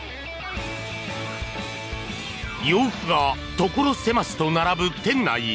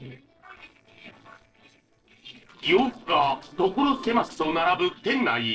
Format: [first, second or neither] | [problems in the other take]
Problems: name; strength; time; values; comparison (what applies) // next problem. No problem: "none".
first | noise reduction (neural separator model SepFormer DNS4)